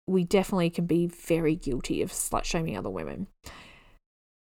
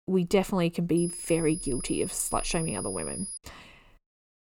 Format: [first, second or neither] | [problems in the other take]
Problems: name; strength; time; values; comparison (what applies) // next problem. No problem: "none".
first | high-pitched whine; loud; from 1 to 3.5 s; 10.5 kHz, 7 dB below the speech